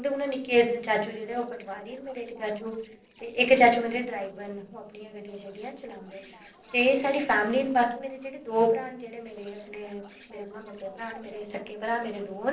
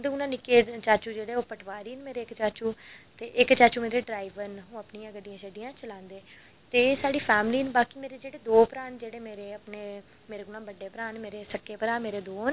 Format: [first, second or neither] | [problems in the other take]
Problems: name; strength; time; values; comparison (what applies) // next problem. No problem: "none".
second | noise reduction (neural separator model SepFormer DNS4)